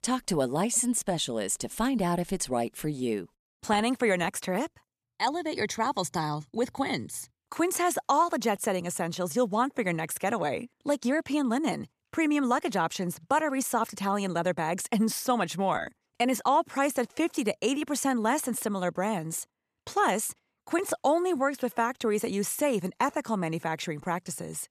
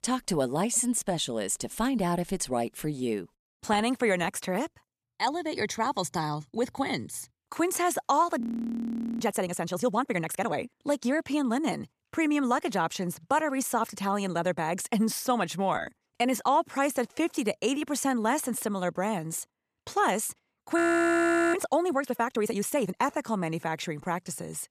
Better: first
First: none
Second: audio freezing; at 8.5 s for 1 s and at 21 s for 1 s

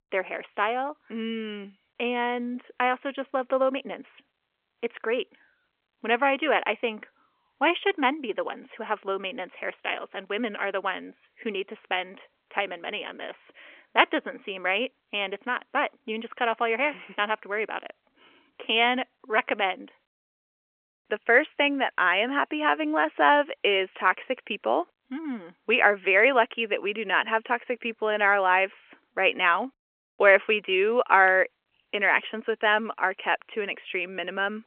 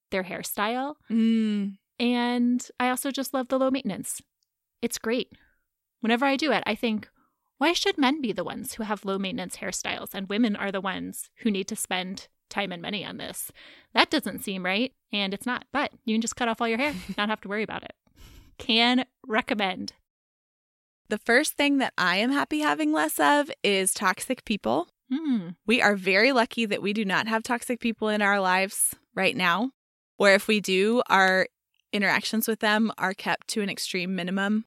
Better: second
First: phone-call audio; nothing above 3 kHz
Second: none

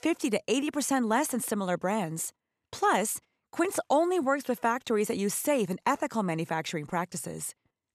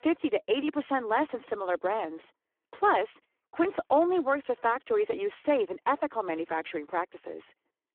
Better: first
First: none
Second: phone-call audio; poor line

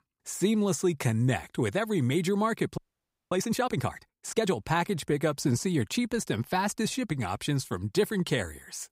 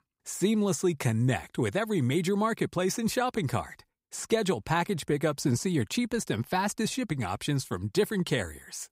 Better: second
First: audio freezing; at 3 s for 0.5 s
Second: none

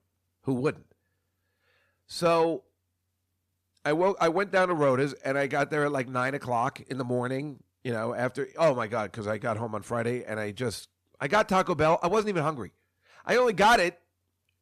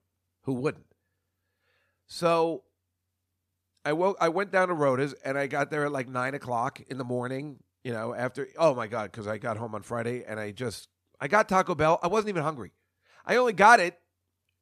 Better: second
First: distortion; slight; 10 dB below the speech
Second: none

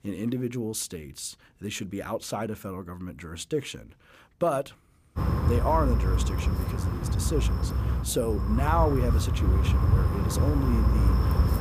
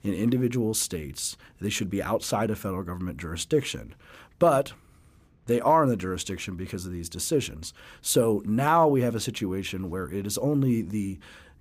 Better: second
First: wind noise on the microphone; heavy; from 5 s on; 4 dB below the speech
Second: none

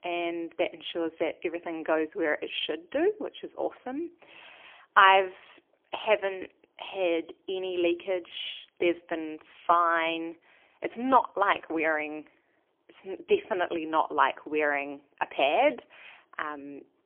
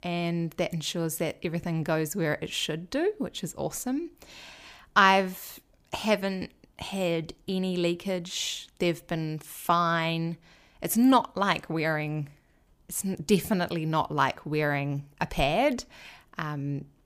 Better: second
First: phone-call audio; poor line; nothing above 3.5 kHz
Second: none

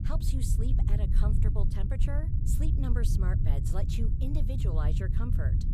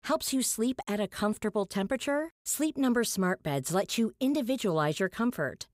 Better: second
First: low rumble; loud; throughout; 1 dB below the speech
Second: none

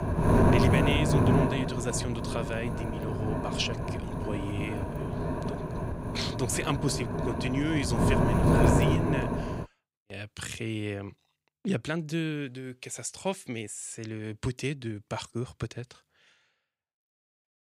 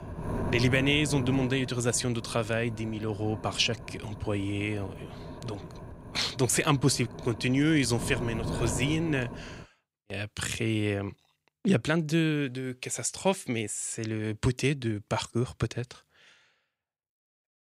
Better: second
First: wind noise on the microphone; heavy; until 9.5 s; 4 dB above the speech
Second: wind noise on the microphone; occasional gusts; until 9.5 s; 10 dB below the speech

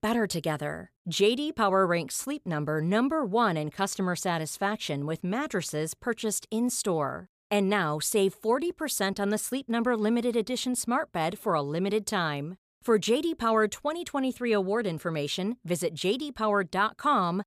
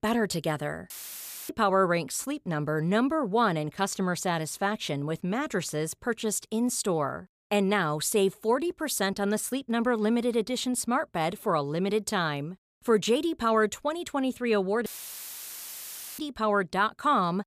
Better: first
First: none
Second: audio cutting out; filled with static; at 1 s for 0.5 s and at 15 s for 1.5 s

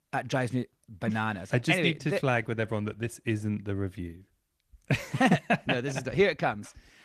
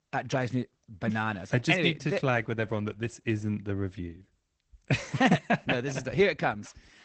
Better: first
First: garbled, watery; slightly; nothing above 14.5 kHz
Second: garbled, watery; badly; nothing above 8 kHz

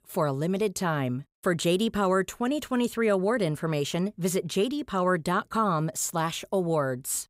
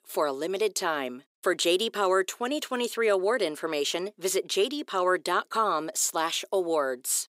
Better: first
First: none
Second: thin; somewhat; fading below 350 Hz

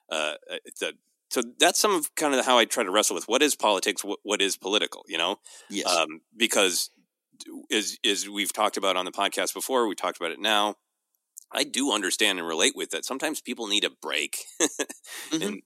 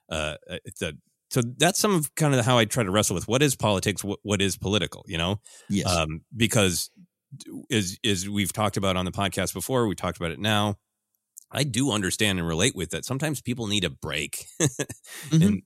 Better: second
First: thin; somewhat; fading below 250 Hz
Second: none

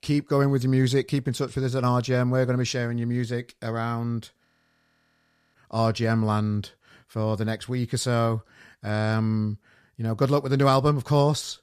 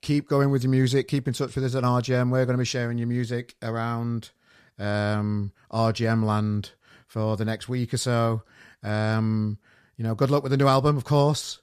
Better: second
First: audio freezing; at 4.5 s for 1 s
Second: none

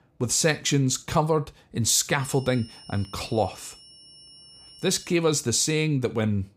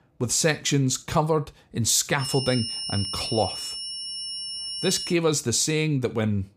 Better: first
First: high-pitched whine; faint; from 2 to 5 s; 5.5 kHz, 20 dB below the speech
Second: high-pitched whine; loud; from 2 to 5 s; 5.5 kHz, 6 dB below the speech

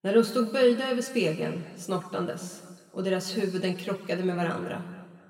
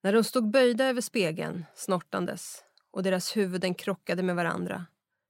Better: second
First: room echo; slight; dies away in 1.7 s // off-mic speech; somewhat distant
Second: none

